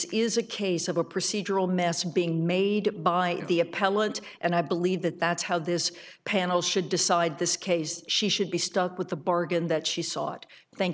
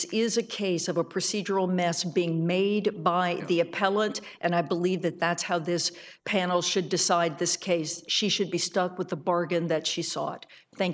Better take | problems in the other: first | noise reduction (neural mask model Resemble Enhance denoiser)

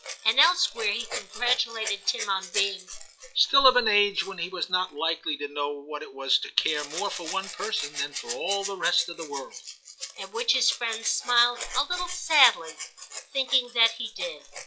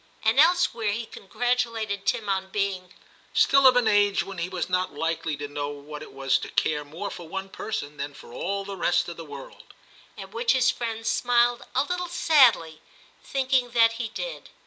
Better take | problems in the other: second | noise reduction (classical method log-MMSE)

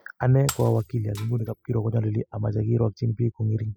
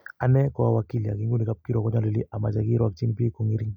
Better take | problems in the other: second | noise reduction (classical method spectral subtraction)

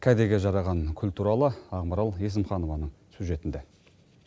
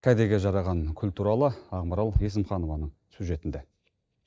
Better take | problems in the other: first | noise reduction (neural mask model DeepFilterNet 3)

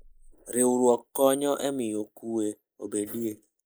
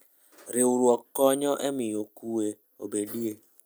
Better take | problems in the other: second | noise reduction (neural mask model Resemble Enhance denoiser)

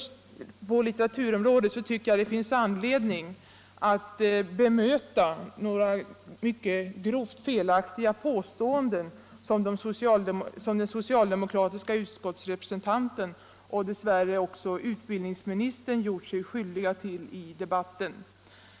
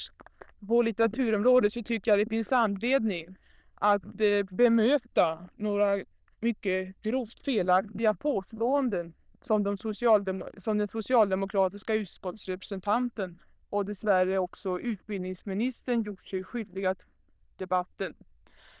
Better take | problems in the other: first | noise reduction (neural diffusion model UNIVERSE++)

